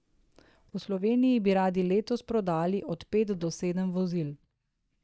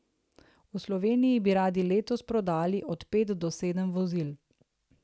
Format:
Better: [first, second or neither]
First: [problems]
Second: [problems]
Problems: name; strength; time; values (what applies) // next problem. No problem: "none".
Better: second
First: noise reduction (neural mask model DeepFilterNet 3)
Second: none